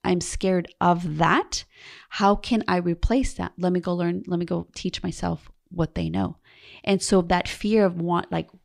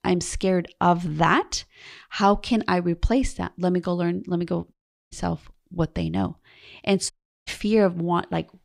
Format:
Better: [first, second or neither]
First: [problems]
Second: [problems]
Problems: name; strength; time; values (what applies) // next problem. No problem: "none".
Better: first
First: none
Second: audio cutting out; at 4.5 s and at 7 s